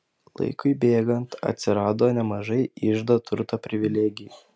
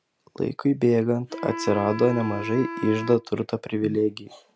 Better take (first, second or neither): first